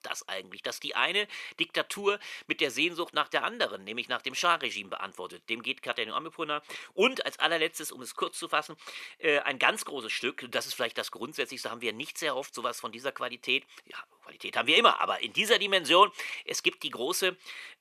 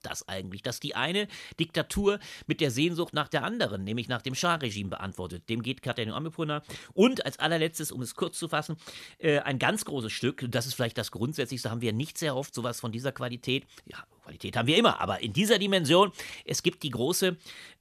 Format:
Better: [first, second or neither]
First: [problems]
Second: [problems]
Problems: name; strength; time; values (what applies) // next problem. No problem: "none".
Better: second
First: thin; somewhat; fading below 400 Hz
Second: none